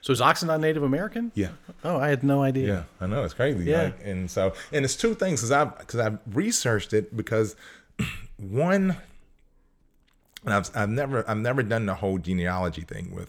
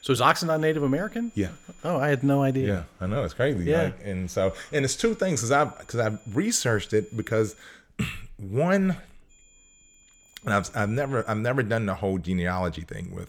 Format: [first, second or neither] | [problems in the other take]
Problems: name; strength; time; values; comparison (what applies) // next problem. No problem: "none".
first | high-pitched whine; faint; until 2.5 s, from 4.5 to 7.5 s and from 9.5 to 11 s; 7 kHz, 30 dB below the speech